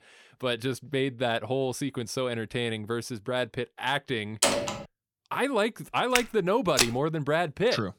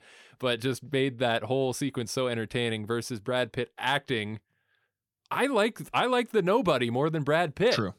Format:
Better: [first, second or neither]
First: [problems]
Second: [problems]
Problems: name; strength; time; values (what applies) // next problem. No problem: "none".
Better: second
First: door banging; loud; at 4.5 s; peak 4 dB above the speech // footsteps; loud; at 6 s; peak 3 dB above the speech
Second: none